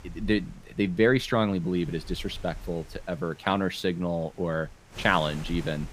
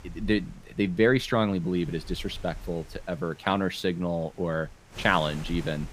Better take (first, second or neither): neither